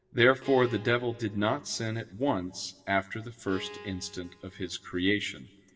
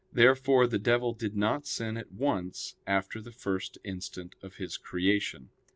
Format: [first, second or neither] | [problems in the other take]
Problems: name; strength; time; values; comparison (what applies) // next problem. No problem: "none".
second | background sound (Bowed string instrument); 19 dB below the speech // room echo; dies away in 0.6 s